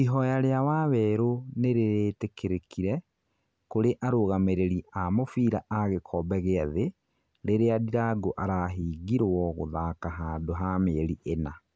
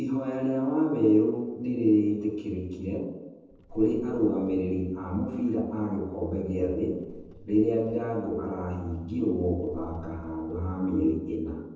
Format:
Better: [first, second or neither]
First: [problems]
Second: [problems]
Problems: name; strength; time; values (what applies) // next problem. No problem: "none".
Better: first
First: none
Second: noise reduction (neural separator model SepFormer DNS4)